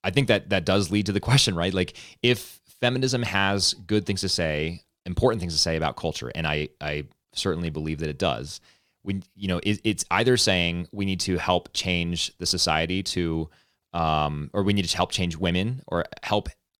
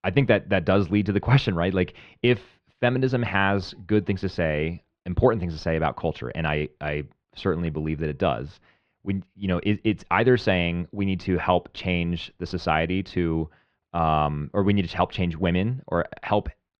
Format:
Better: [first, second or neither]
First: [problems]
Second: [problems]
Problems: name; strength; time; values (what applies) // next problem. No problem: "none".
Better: first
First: none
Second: muffled; very; fading above 2.5 kHz